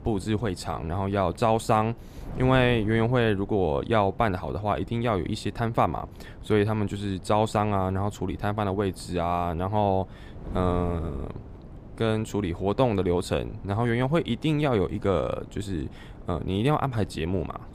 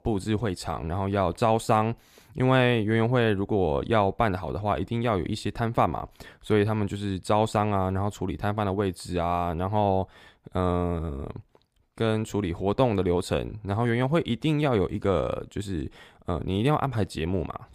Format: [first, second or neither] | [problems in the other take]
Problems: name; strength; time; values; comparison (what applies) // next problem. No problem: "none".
second | wind noise on the microphone; occasional gusts; 25 dB below the speech